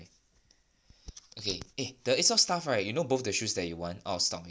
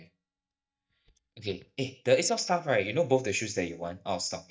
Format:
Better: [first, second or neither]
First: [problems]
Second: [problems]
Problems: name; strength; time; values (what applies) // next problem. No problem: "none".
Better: first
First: none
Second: noise reduction (neural mask model DeepFilterNet 3)